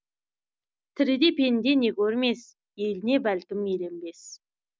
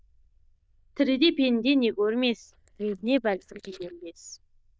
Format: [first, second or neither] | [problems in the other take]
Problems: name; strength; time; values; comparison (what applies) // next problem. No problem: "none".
first | noise reduction (neural diffusion model UNIVERSE++)